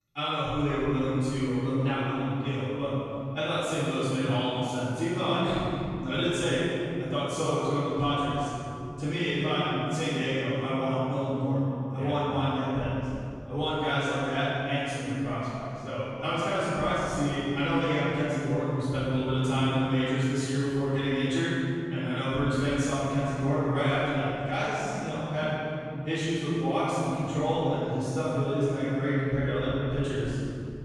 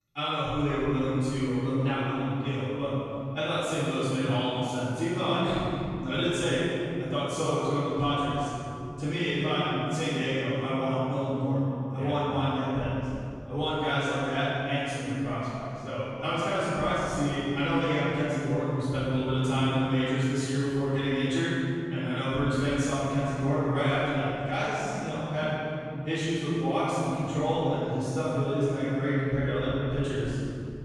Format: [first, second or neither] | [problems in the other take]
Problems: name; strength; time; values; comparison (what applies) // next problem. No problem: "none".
neither | room echo; strong; dies away in 3 s; the same in both // off-mic speech; far; the same in both